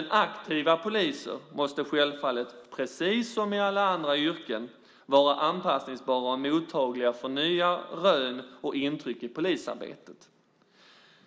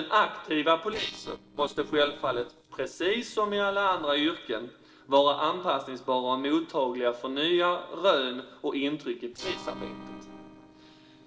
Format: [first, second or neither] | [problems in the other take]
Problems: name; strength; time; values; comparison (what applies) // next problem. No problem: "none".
first | noise reduction (neural separator model SepFormer DNS4)